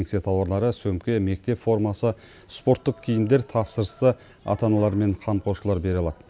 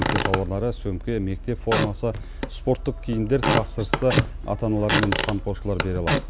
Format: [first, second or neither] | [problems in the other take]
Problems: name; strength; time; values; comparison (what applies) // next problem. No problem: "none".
first | background sound (Squeak / Wood); 1 dB below the speech